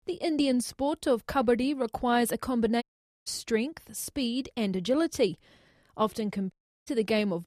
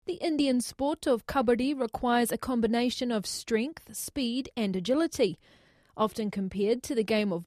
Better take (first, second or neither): second